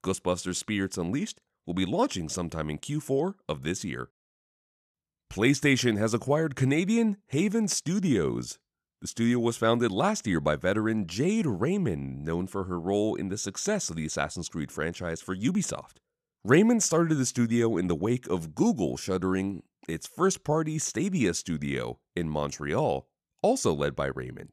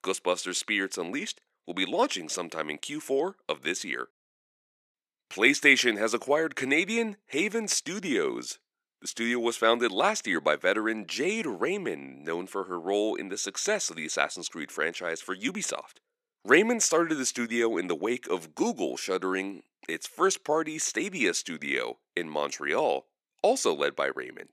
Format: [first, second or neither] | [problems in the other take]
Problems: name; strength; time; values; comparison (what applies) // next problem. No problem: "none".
first | thin; somewhat; fading below 300 Hz